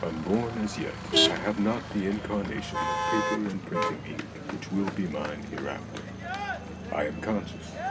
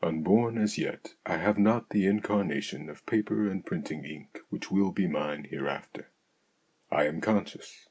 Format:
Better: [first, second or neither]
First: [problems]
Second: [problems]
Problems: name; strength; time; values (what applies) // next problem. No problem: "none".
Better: second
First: background sound (Motor vehicle (road)); as loud as the speech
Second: none